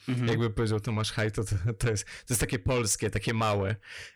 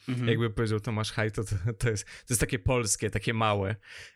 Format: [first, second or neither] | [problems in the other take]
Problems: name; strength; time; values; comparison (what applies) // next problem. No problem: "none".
second | distortion; slight; 10 dB below the speech